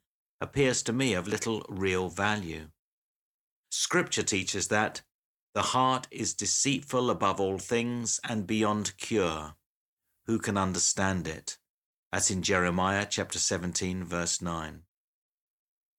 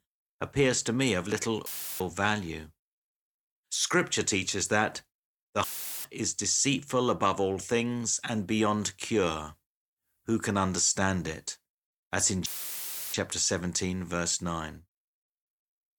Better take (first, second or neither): first